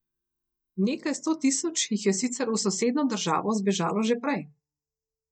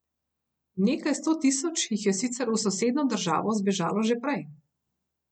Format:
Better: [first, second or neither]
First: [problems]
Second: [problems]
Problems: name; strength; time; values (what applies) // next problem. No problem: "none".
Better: second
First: noise reduction (neural mask model DeepFilterNet 3)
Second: none